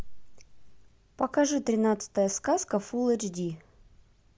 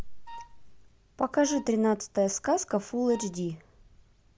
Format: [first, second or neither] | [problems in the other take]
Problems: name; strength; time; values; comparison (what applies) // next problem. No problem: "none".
first | background sound (Wind instrument, woodwind instrument); 17 dB below the speech